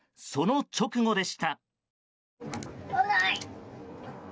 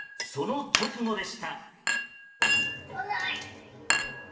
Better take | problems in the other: first | background sound (Chink, clink); 3 dB above the speech // room echo; dies away in 1 s

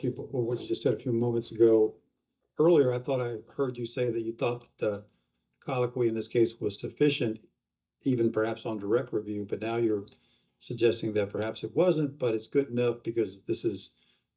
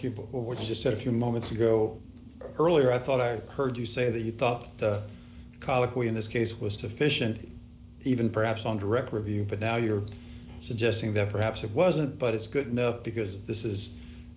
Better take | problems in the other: second | noise reduction (neural mask model DeepFilterNet 3)

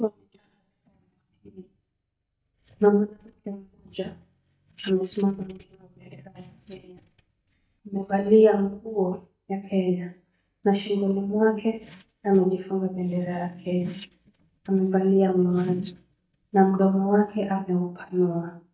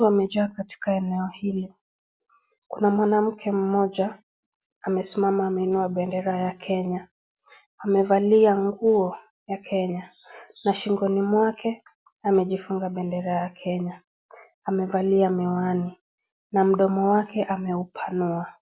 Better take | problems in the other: second | noise reduction (neural mask model DeepFilterNet 3)

